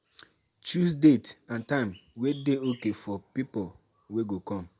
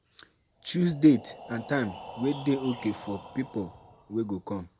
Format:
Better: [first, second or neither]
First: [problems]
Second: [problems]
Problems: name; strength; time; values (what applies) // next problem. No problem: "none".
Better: first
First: none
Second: background sound (Breathing); 17 dB below the speech